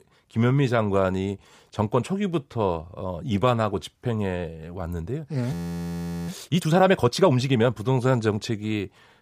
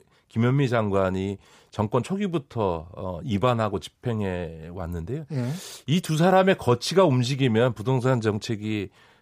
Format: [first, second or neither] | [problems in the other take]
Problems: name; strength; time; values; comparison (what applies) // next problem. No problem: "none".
second | audio freezing; at 5.5 s for 1 s